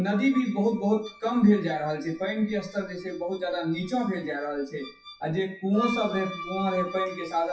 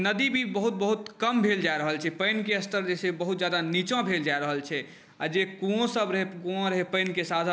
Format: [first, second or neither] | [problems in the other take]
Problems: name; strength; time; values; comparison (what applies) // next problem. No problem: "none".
second | noise reduction (classical method WPE with log-MMSE)